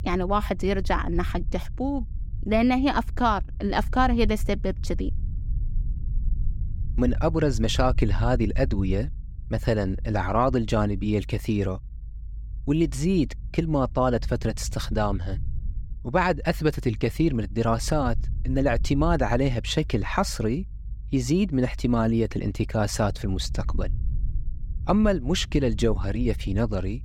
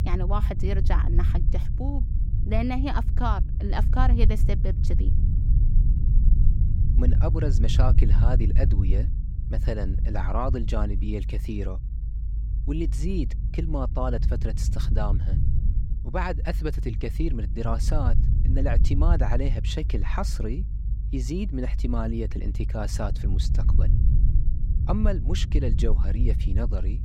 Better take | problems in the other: first | low rumble; loud; throughout; 9 dB below the speech; faint in the first

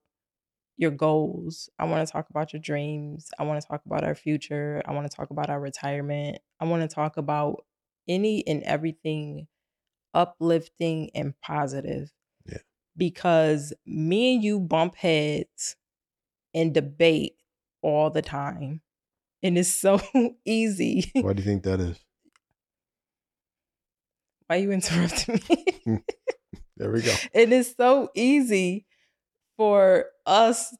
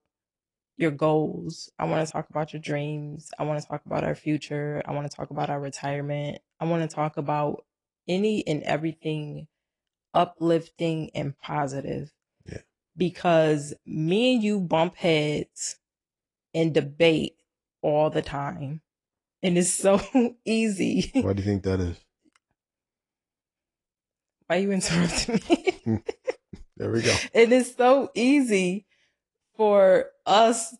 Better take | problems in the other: first | garbled, watery; slightly; nothing above 10 kHz

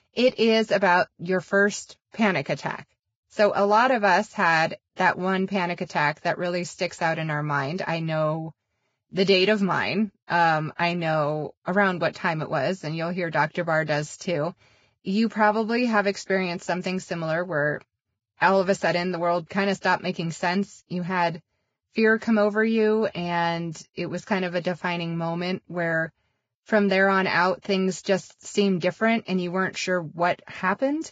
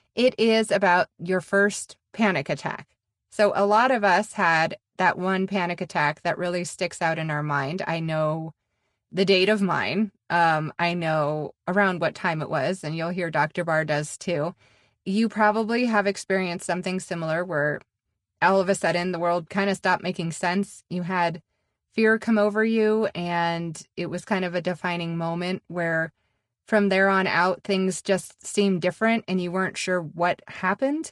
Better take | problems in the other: second | garbled, watery; badly; nothing above 7.5 kHz; slightly in the second

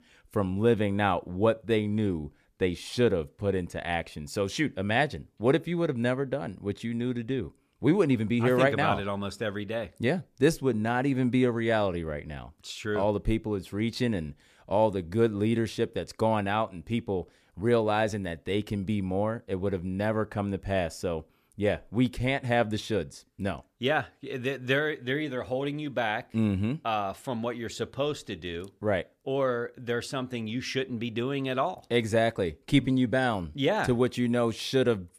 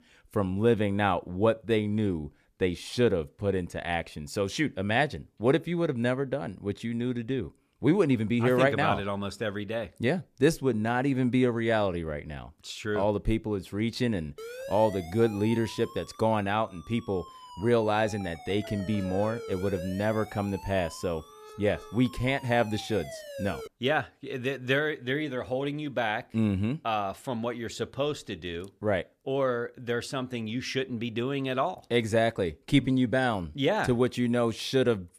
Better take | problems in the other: first | siren; faint; from 14 to 24 s; peak 10 dB below the speech

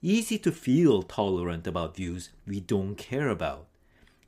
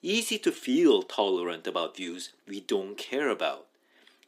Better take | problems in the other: first | thin; very slightly; fading below 250 Hz

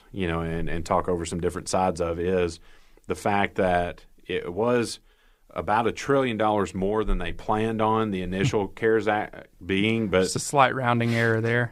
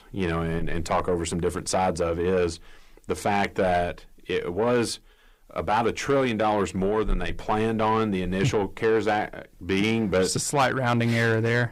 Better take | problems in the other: first | distortion; slight; 10 dB below the speech

